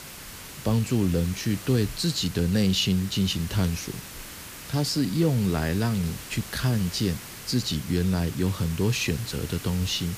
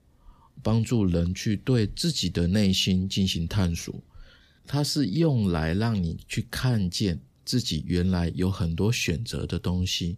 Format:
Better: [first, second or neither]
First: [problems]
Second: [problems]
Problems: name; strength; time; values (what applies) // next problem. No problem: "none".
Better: second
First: hiss; noticeable; throughout; 15 dB below the speech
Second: none